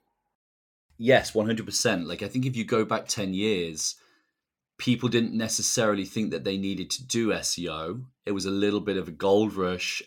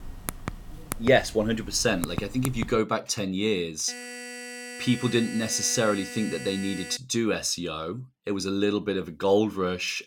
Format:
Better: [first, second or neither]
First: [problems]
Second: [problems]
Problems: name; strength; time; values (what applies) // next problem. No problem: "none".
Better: first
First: none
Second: keyboard typing; noticeable; until 3 s; peak 8 dB below the speech // alarm; faint; from 4 to 7 s; peak 10 dB below the speech